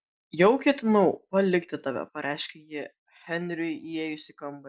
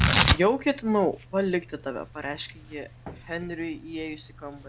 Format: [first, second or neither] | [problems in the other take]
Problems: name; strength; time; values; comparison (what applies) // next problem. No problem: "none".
first | background sound (Tearing); 1 dB below the speech